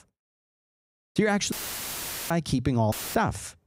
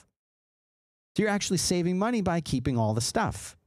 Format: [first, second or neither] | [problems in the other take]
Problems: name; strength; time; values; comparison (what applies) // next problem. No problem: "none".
second | audio cutting out; filled with static; at 1.5 s for 1 s and at 3 s